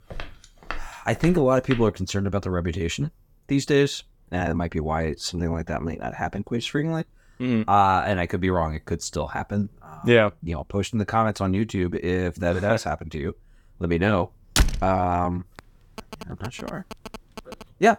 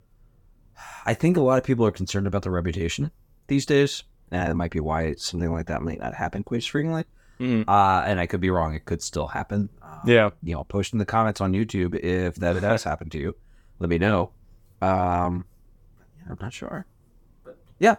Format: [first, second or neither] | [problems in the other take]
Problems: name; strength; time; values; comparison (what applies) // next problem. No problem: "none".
second | footsteps; faint; until 2 s; peak 10 dB below the speech // door banging; loud; at 15 s; peak 2 dB above the speech // phone ringing; faint; from 16 s on; peak 15 dB below the speech